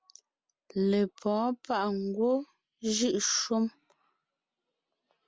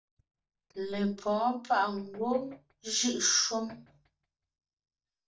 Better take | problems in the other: first | noise reduction (neural mask model DeepFilterNet 3)

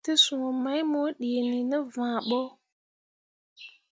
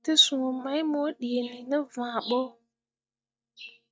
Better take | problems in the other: first | noise reduction (neural mask model DeepFilterNet 3)

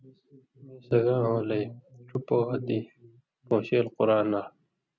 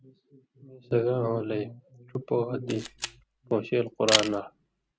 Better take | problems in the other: first | background sound (Camera); 4 dB below the speech

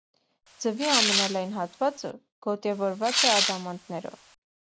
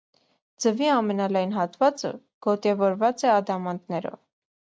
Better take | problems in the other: second | background sound (Tearing); 1 dB above the speech

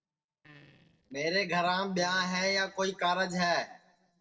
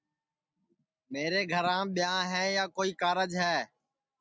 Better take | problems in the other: second | noise reduction (neural separator model SepFormer DNS4)

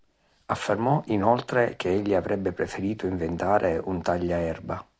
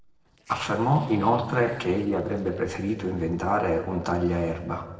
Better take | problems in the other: first | noise reduction (neural separator model SepFormer DNS4)

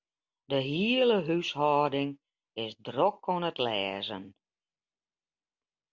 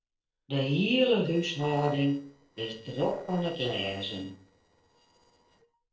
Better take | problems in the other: first | noise reduction (neural separator model SepFormer DNS4)

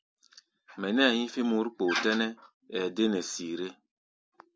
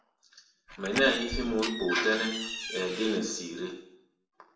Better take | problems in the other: first | background sound (Door); 7 dB below the speech // room echo; dies away in 0.7 s

